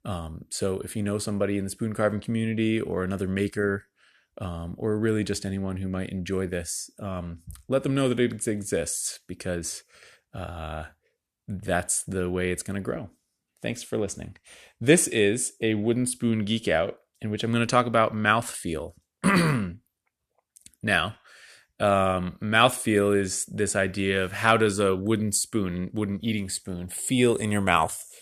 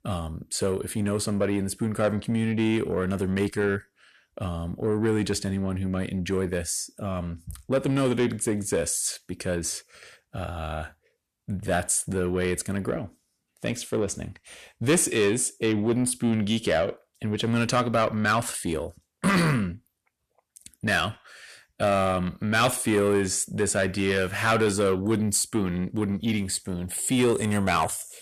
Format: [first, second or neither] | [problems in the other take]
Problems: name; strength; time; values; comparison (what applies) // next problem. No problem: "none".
first | distortion; slight; 10 dB below the speech